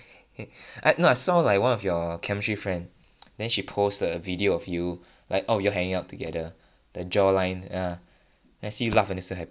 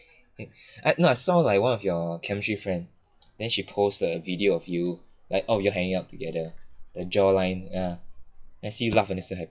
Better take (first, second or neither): first